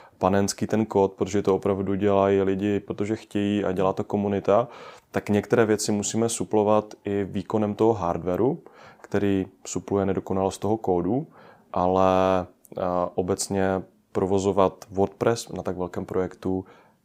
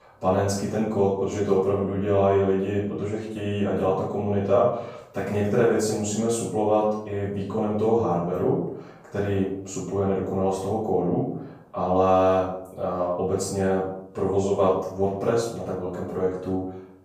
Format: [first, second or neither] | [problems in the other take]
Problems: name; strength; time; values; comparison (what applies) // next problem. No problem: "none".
first | room echo; noticeable; dies away in 0.6 s // off-mic speech; far